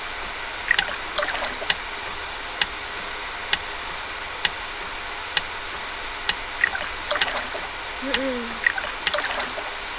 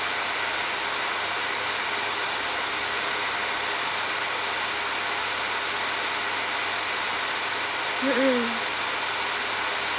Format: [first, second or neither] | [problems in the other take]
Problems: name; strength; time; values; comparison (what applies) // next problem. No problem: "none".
second | background sound (Motor vehicle (road) + Splash, splatter); 2 dB above the speech